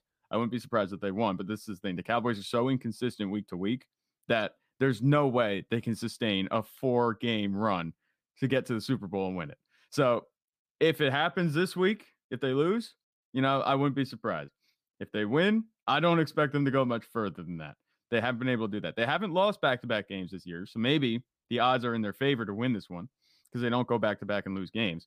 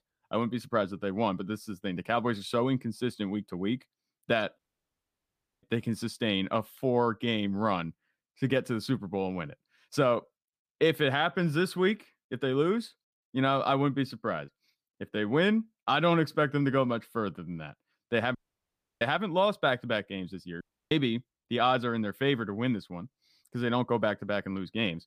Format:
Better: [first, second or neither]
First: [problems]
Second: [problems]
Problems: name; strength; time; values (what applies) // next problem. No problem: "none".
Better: first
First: none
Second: audio cutting out; at 4.5 s for 1 s, at 18 s for 0.5 s and at 21 s